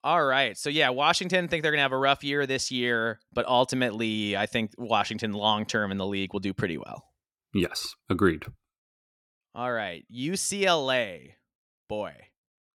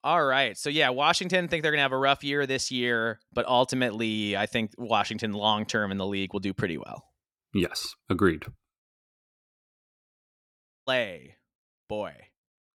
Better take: first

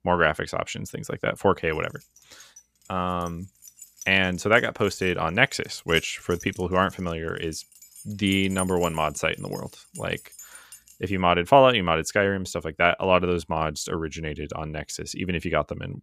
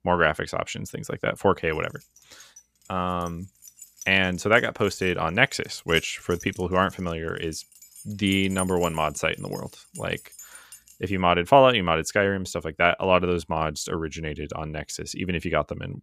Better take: neither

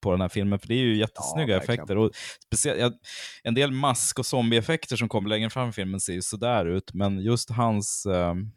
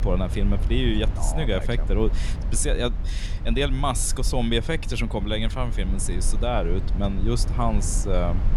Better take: first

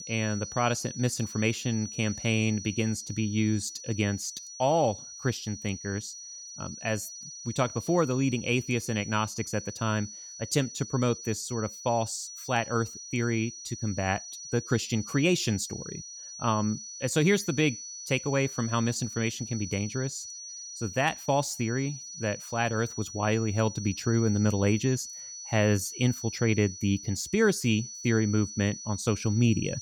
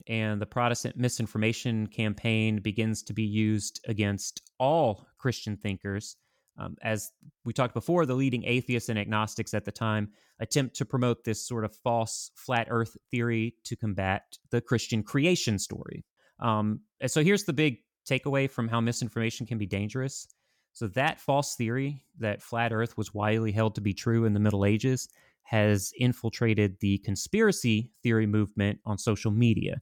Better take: second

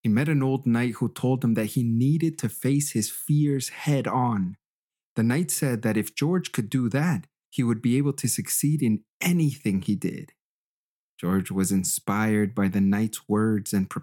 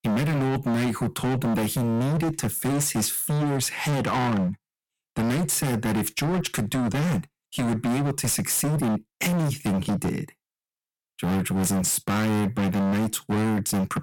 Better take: first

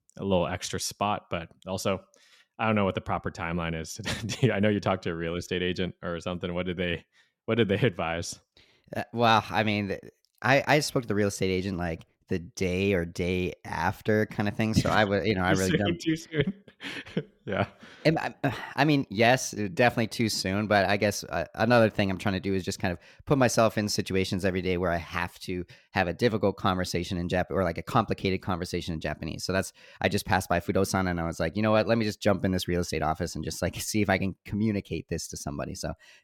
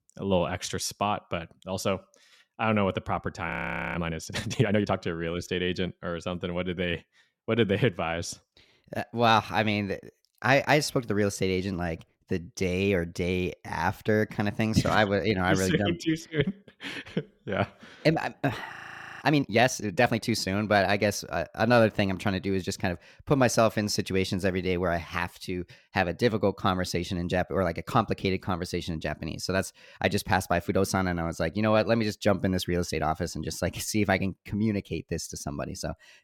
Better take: first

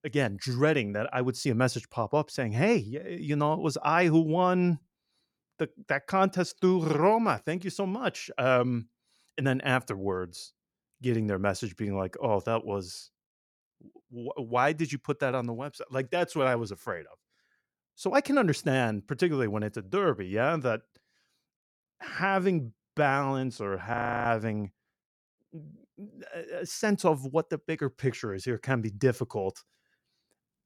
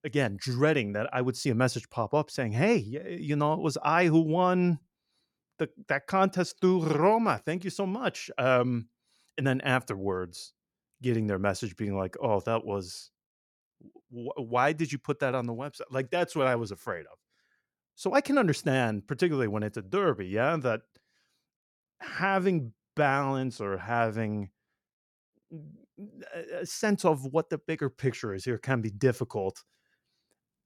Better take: second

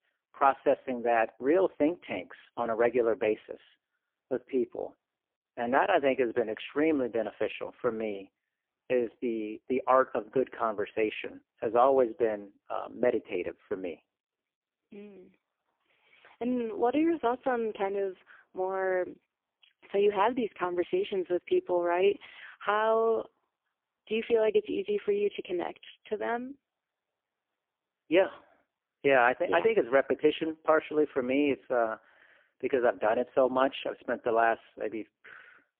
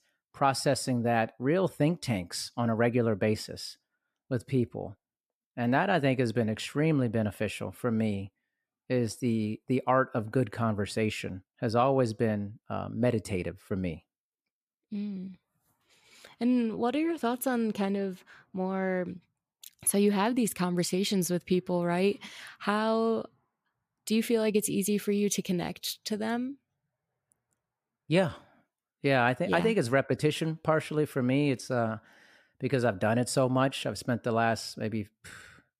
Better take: second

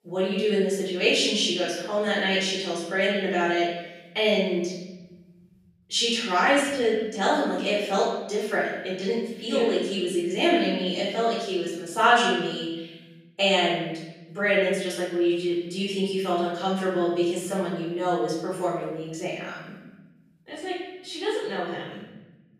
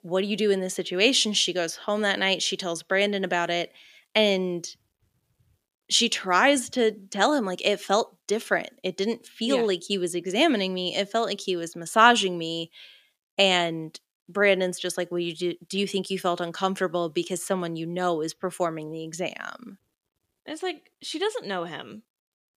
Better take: second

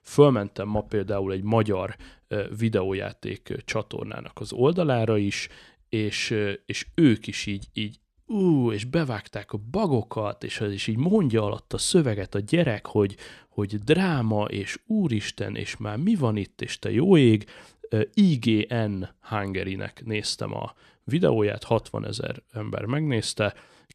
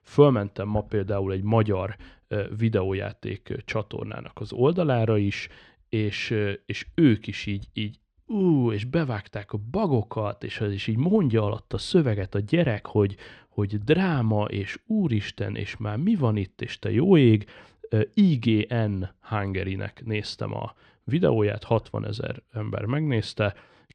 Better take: first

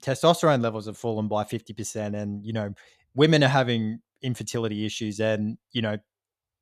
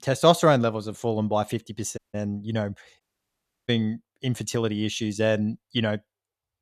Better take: first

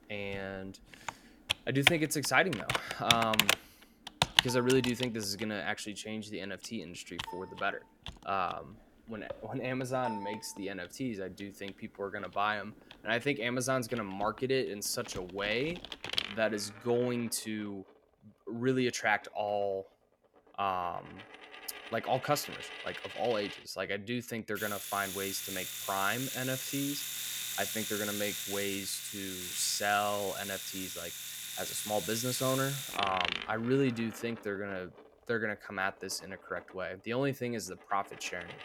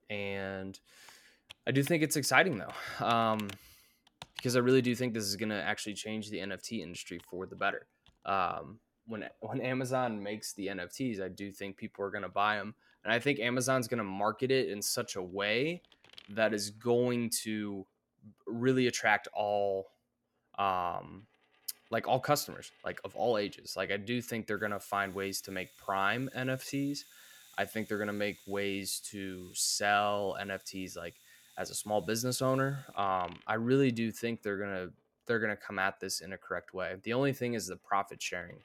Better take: second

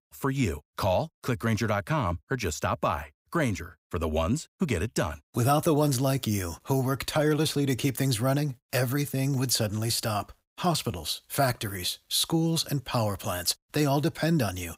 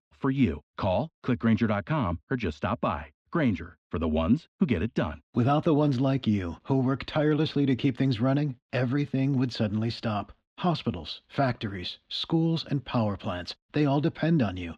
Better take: first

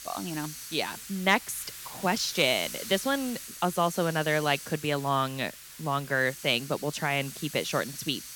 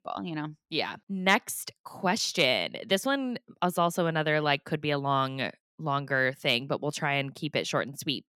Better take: second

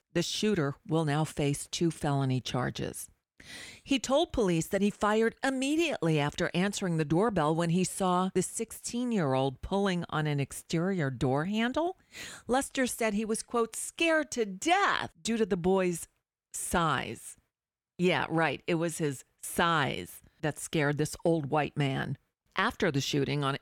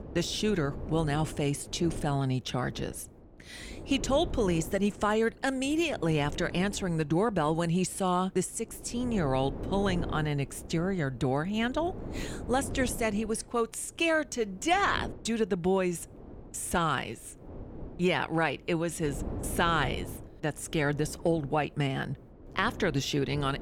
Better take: first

